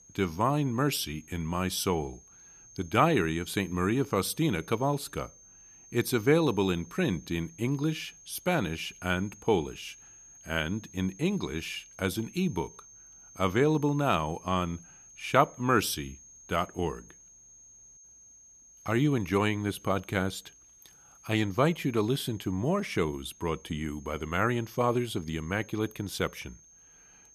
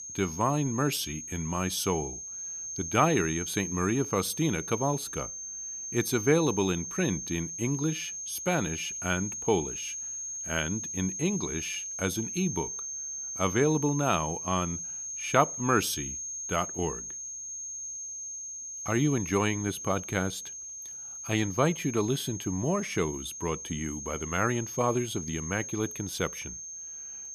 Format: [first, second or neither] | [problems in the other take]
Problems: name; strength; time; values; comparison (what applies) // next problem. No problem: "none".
first | high-pitched whine; loud; throughout; 6.5 kHz, 6 dB below the speech; faint in the first